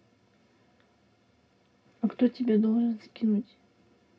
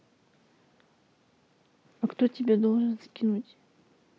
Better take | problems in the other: second | room echo; dies away in 0.4 s

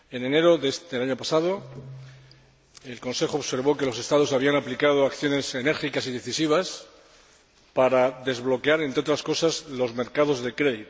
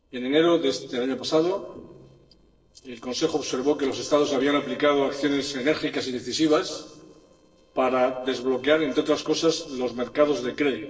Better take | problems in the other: first | noise reduction (neural separator model SepFormer DNS4)

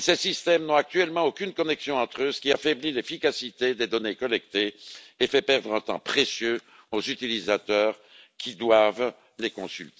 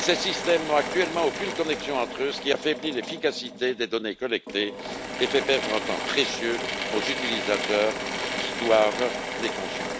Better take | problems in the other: first | background sound (Drill / Mechanisms); 5 dB below the speech

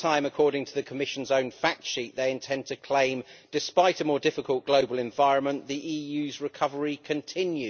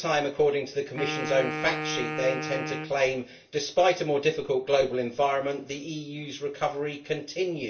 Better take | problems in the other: first | background sound (Wind instrument, woodwind instrument); 7 dB below the speech // room echo; dies away in 0.3 s

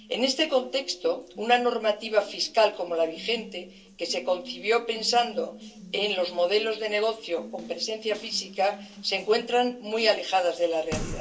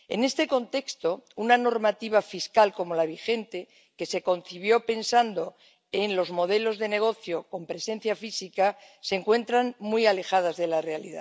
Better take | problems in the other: second | background sound (Water tap, faucet); 17 dB below the speech // room echo; dies away in 0.2 s

